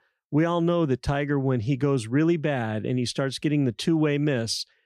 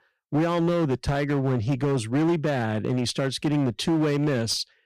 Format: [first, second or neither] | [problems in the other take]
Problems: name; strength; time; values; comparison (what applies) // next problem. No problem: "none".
first | distortion; slight; 16% of the sound clipped